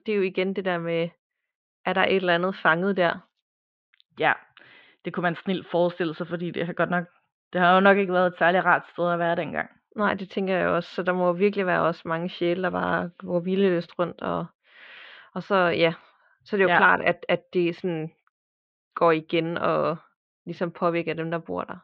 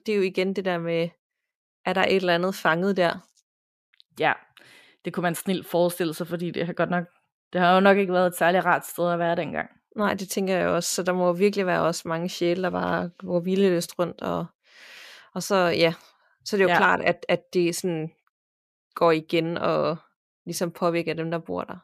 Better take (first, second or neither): second